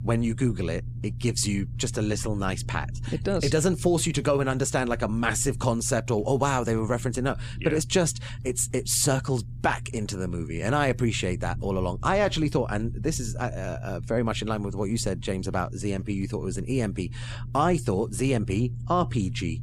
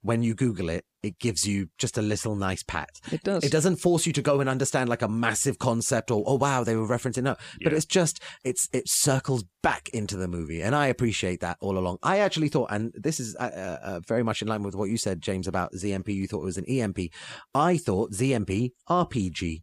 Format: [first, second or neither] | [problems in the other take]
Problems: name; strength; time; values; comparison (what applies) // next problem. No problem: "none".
second | low rumble; faint; throughout; 20 dB below the speech